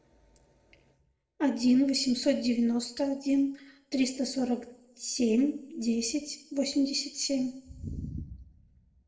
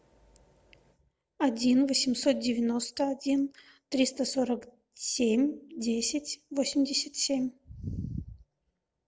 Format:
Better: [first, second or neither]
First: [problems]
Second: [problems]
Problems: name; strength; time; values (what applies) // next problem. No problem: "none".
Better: second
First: room echo; dies away in 0.6 s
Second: none